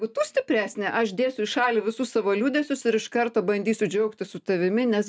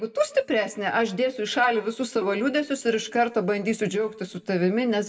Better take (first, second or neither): first